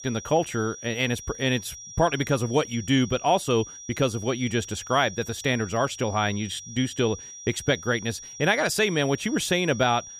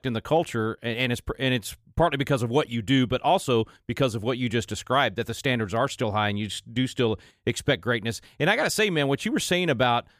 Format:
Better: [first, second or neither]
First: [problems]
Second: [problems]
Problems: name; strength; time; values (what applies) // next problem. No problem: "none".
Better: second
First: high-pitched whine; noticeable; throughout; 5.5 kHz, 15 dB below the speech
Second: none